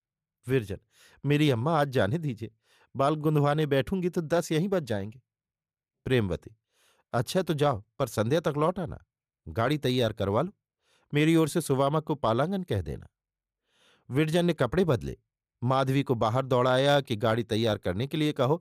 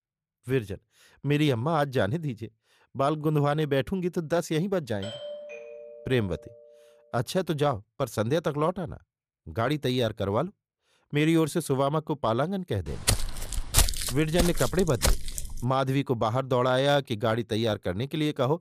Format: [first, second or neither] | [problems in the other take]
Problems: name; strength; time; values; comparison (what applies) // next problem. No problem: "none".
first | doorbell; faint; from 5 to 7 s; peak 10 dB below the speech // footsteps; loud; from 13 to 16 s; peak 4 dB above the speech